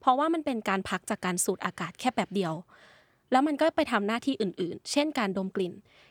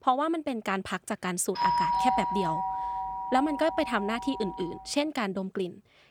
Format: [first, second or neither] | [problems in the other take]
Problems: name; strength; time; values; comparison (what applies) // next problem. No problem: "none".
first | doorbell; loud; from 1.5 to 4.5 s; peak 5 dB above the speech